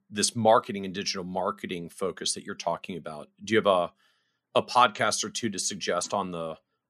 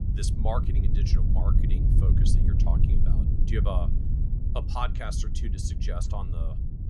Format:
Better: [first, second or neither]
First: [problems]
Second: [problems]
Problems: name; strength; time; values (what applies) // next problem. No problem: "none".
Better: first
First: none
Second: low rumble; loud; throughout; 4 dB below the speech